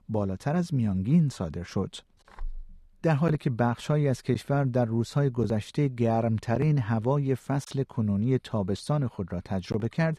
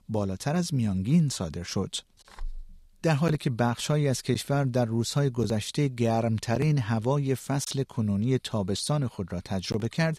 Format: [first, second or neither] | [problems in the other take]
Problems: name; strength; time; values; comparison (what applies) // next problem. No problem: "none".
second | muffled; slightly; fading above 2.5 kHz